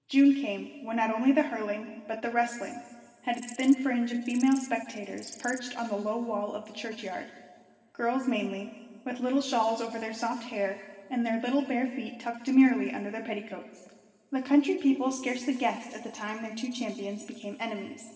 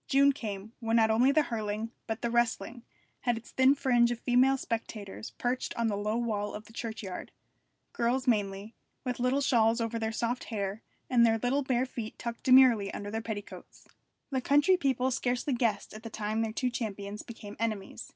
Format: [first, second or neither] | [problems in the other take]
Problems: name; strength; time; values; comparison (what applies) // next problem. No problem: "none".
second | background sound (Insect); 19 dB below the speech // room echo; dies away in 2 s